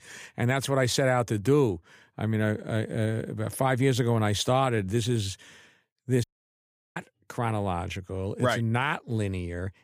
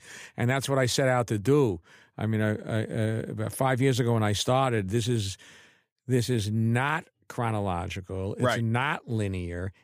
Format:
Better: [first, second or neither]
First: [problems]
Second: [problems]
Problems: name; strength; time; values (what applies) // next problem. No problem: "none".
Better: second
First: audio cutting out; at 6 s for 0.5 s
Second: none